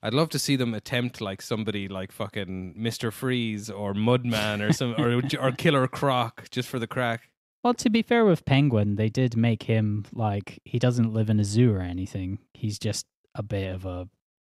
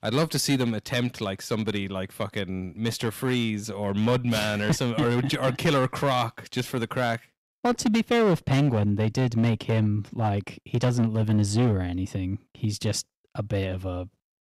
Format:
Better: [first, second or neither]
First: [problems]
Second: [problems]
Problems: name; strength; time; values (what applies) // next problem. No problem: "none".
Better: first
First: none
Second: distortion; slight; 7% of the sound clipped